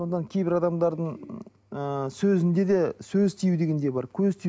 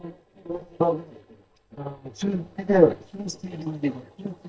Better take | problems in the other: first | noise reduction (neural mask model DeepFilterNet 3)

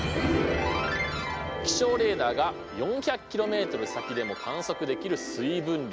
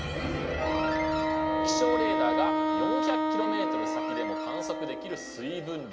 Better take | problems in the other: first | background sound (Wind instrument, woodwind instrument); 3 dB above the speech // room echo; dies away in 0.4 s

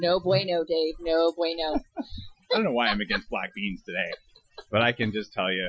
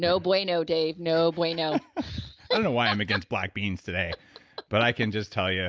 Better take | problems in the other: second | noise reduction (classical method Wiener filter)

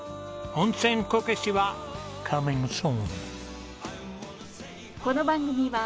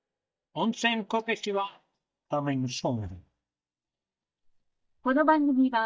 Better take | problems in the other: first | noise reduction (neural mask model DeepFilterNet 3)

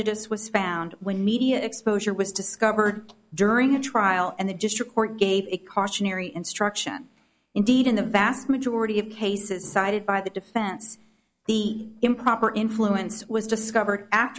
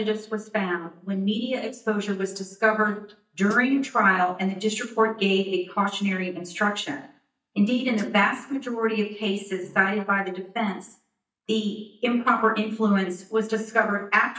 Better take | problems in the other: first | noise reduction (neural mask model DeepFilterNet 3)

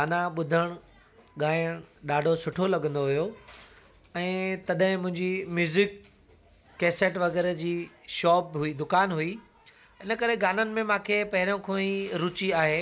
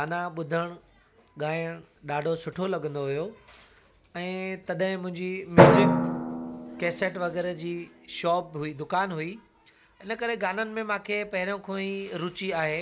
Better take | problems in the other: first | background sound (Drum); 1 dB above the speech

